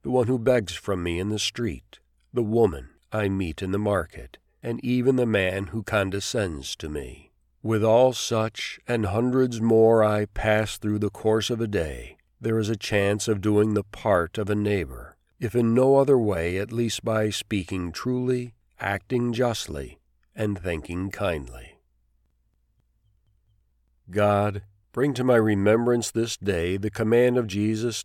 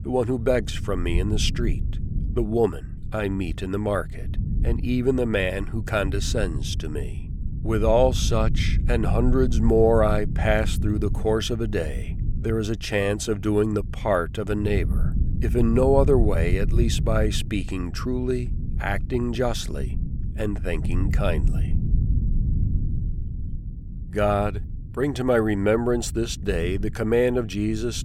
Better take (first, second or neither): first